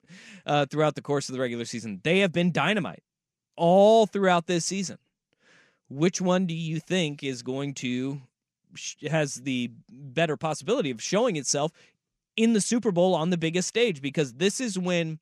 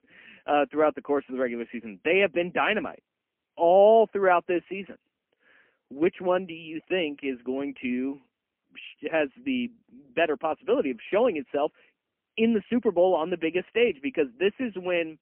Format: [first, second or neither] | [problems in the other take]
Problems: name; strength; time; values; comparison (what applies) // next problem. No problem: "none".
first | phone-call audio; poor line; nothing above 3 kHz